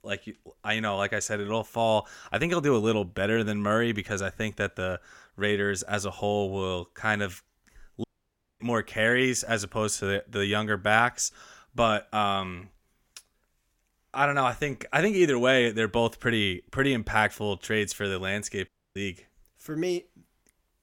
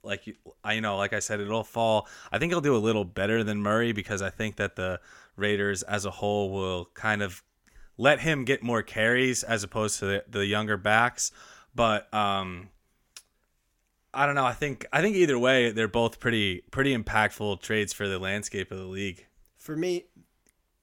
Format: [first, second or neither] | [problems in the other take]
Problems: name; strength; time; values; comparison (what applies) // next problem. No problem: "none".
second | audio cutting out; at 8 s for 0.5 s and at 19 s